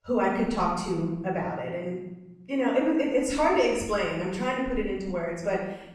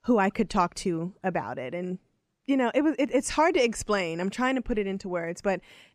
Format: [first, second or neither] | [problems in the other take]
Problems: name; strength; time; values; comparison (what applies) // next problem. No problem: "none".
second | room echo; noticeable; dies away in 1 s // off-mic speech; far